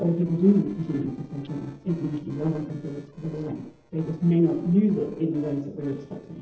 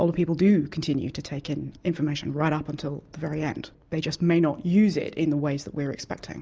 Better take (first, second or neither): second